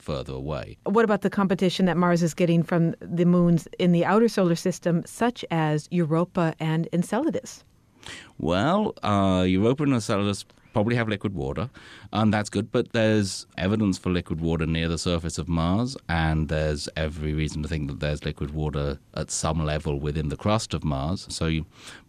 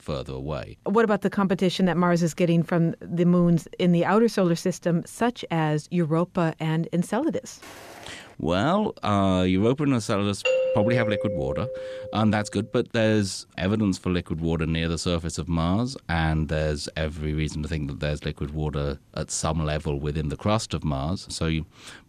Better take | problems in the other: first | footsteps; faint; at 7.5 s; peak 15 dB below the speech // doorbell; loud; from 10 to 12 s; peak 2 dB above the speech

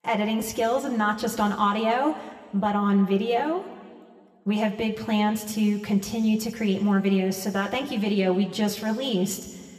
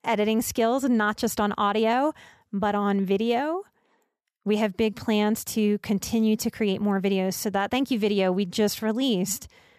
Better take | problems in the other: second | room echo; very slight; dies away in 1.5 s

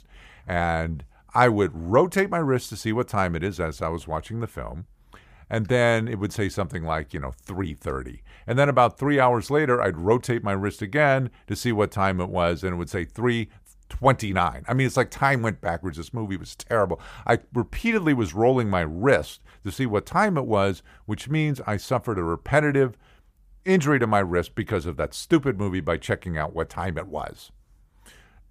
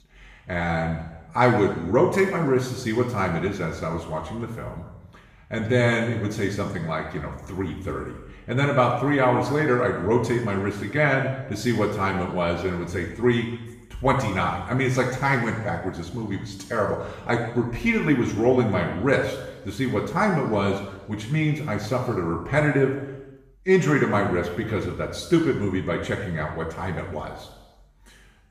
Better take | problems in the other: first | room echo; noticeable; dies away in 0.9 s // off-mic speech; far

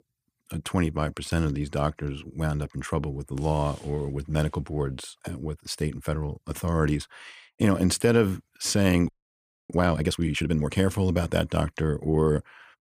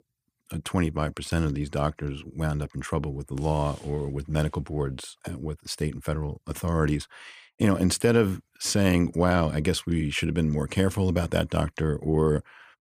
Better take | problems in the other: second | audio freezing; at 9 s for 0.5 s

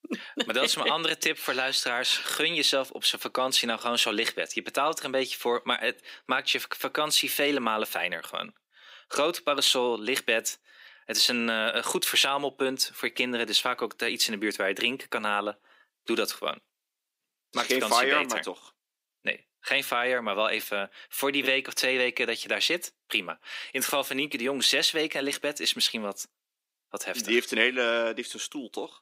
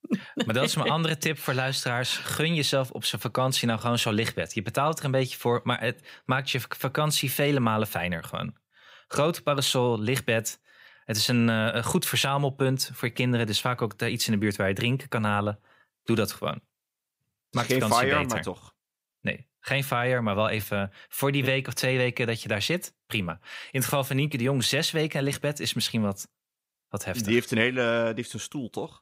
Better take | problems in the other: second | thin; somewhat; fading below 300 Hz

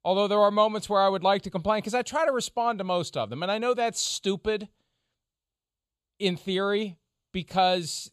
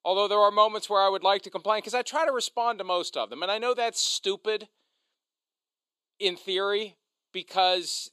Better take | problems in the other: first | thin; somewhat; fading below 300 Hz

